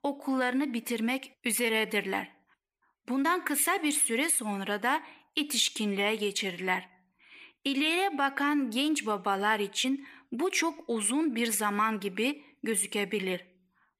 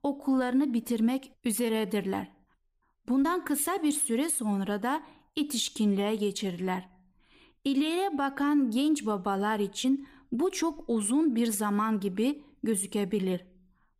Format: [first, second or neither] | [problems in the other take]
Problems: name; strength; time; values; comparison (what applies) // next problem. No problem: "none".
second | thin; very slightly; fading below 1 kHz